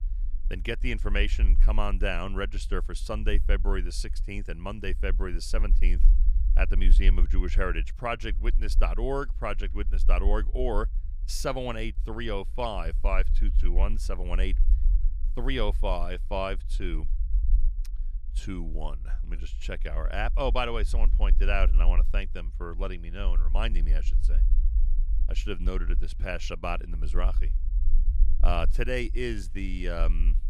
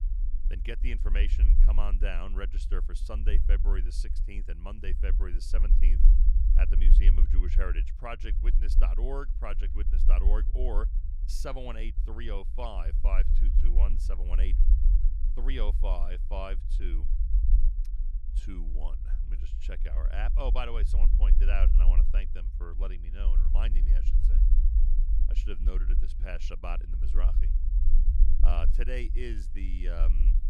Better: first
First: low rumble; faint; throughout; 20 dB below the speech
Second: low rumble; loud; throughout; 10 dB below the speech

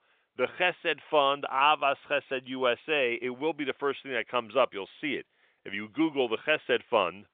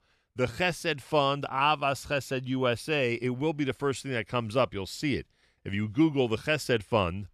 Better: second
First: phone-call audio; nothing above 3.5 kHz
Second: none

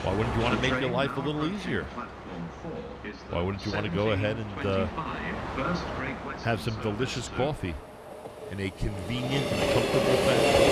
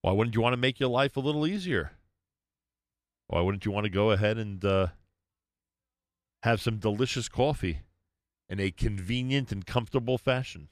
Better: second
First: train or aircraft noise; loud; throughout; as loud as the speech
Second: none

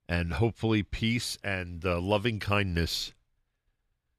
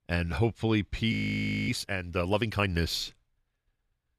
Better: first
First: none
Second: audio freezing; at 1 s for 0.5 s

